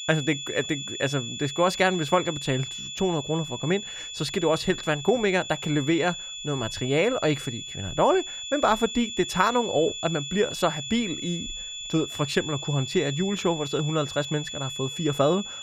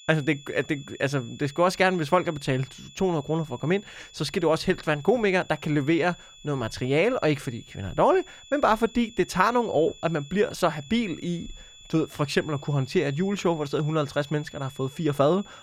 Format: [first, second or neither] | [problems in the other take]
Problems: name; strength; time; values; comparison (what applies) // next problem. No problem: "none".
second | high-pitched whine; loud; throughout; 3.5 kHz, 7 dB below the speech; faint in the second